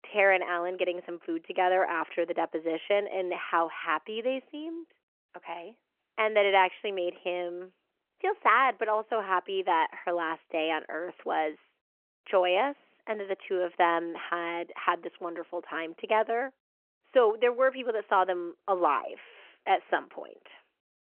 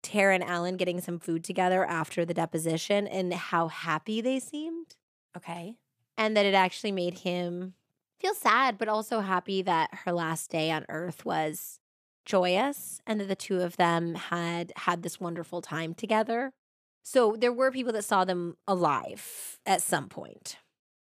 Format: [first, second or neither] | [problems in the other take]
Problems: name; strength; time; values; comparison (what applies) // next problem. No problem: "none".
second | phone-call audio; nothing above 3 kHz